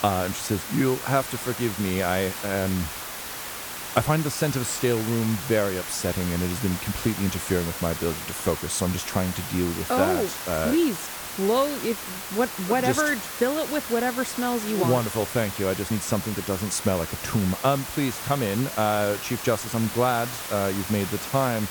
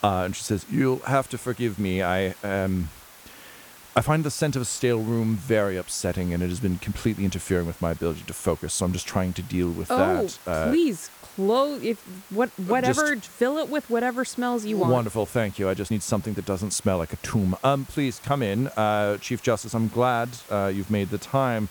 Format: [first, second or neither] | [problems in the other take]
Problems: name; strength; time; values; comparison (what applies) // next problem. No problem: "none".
second | hiss; loud; throughout; 6 dB below the speech; faint in the second